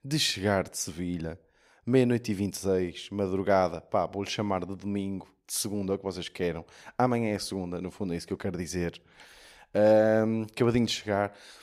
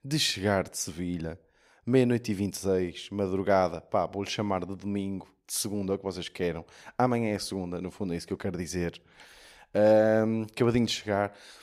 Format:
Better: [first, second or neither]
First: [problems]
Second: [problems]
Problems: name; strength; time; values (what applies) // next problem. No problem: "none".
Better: neither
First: none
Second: none